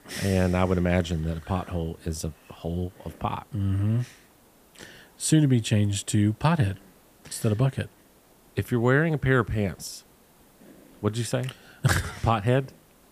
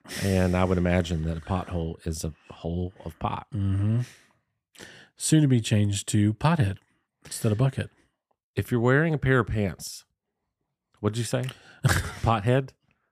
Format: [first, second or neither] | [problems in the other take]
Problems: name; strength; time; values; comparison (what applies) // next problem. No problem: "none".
second | hiss; faint; throughout; 30 dB below the speech